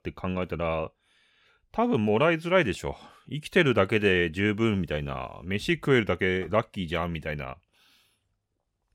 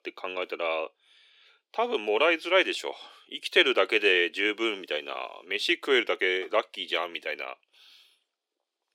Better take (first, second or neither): first